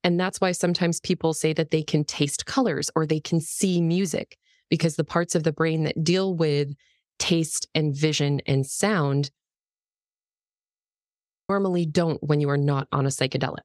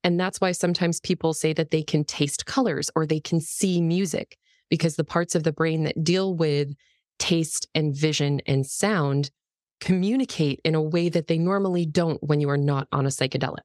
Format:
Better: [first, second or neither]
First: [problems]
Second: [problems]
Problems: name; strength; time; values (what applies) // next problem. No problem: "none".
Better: second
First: audio freezing; at 9.5 s for 2 s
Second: none